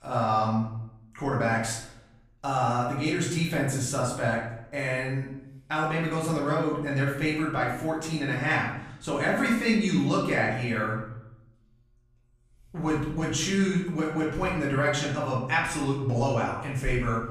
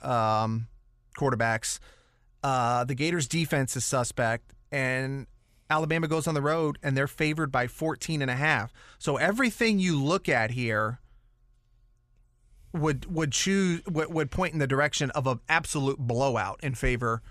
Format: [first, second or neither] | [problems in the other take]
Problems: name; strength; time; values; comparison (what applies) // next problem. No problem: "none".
second | room echo; noticeable; dies away in 0.7 s // off-mic speech; far